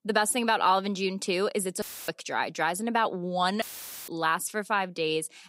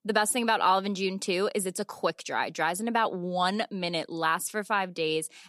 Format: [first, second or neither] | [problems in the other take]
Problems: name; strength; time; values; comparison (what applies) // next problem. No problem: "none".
second | audio cutting out; filled with static; at 2 s and at 3.5 s